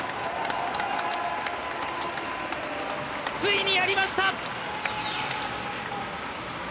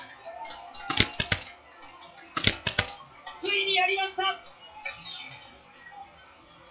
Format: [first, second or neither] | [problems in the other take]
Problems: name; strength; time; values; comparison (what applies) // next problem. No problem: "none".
first | noise reduction (classical method WPE with log-MMSE)